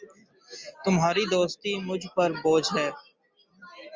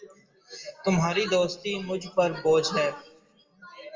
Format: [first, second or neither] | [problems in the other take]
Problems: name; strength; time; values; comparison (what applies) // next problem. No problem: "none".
first | room echo; dies away in 0.5 s